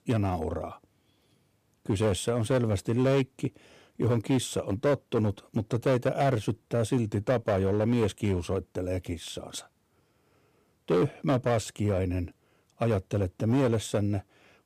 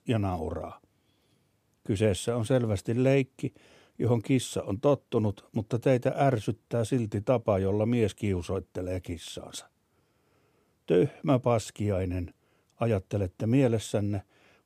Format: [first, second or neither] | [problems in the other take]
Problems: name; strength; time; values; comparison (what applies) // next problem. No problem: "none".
second | distortion; slight; 6% of the sound clipped